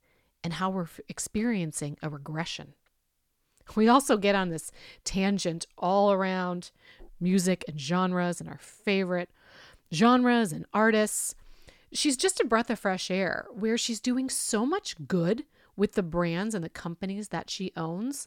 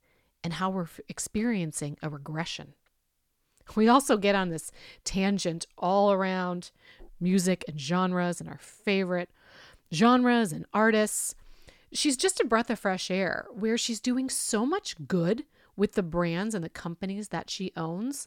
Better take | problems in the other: neither | none

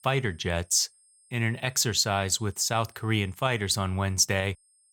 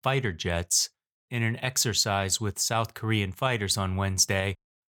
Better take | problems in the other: second | high-pitched whine; faint; throughout; 8.5 kHz, 30 dB below the speech

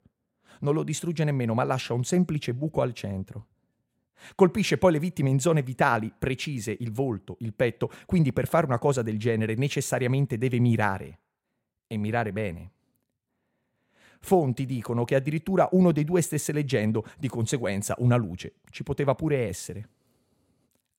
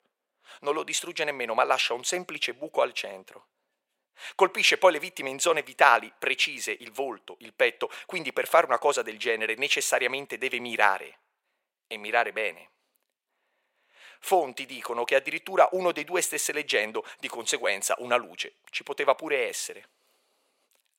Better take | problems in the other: first | thin; very; fading below 500 Hz

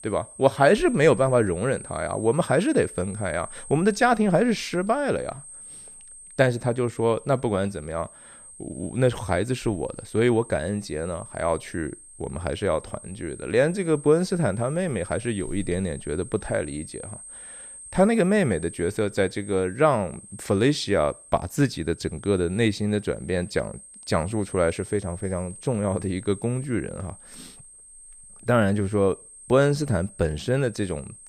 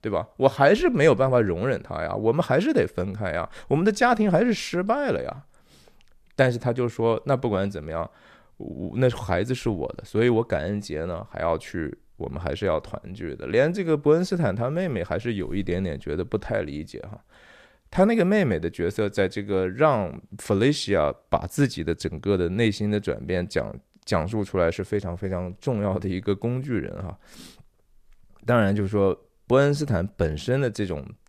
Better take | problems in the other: second | high-pitched whine; noticeable; throughout; 8.5 kHz, 15 dB below the speech

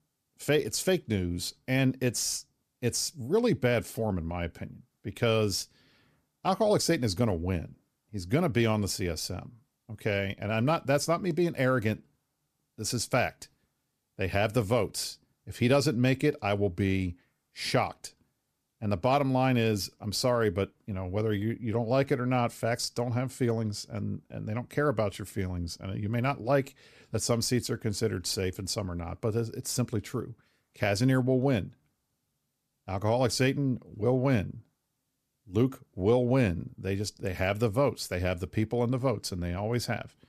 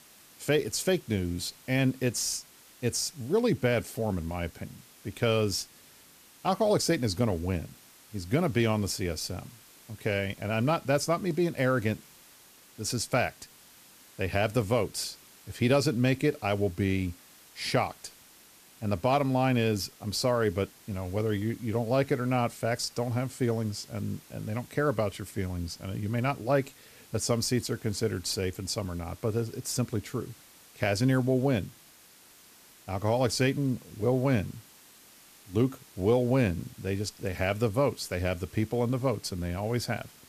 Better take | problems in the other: first | hiss; faint; throughout; 25 dB below the speech

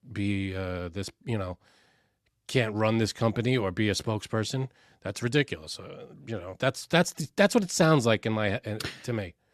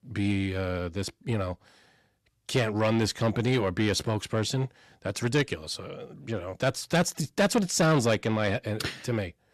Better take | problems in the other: first | distortion; slight; 10 dB below the speech

